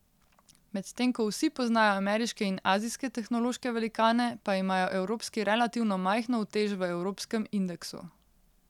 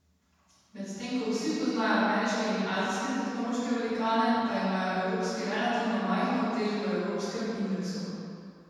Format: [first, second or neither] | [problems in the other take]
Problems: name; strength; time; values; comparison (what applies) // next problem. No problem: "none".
first | room echo; dies away in 2.1 s